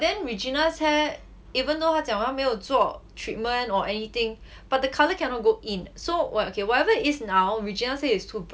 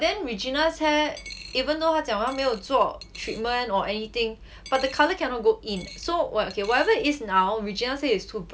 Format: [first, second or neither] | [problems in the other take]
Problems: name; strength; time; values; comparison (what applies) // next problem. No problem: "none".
first | background sound (Coin (dropping)); 20 dB below the speech